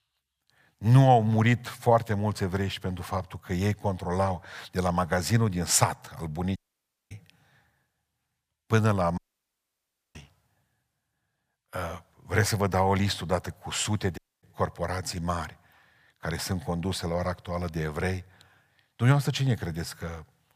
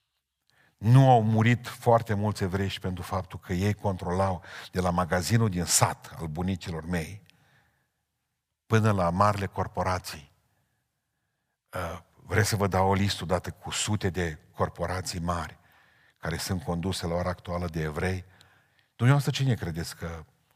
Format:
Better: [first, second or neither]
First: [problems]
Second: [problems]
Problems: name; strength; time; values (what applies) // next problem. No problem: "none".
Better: second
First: audio cutting out; at 6.5 s for 0.5 s, at 9 s for 1 s and at 14 s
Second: none